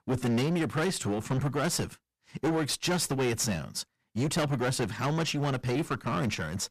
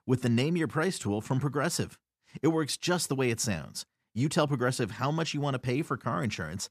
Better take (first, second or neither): second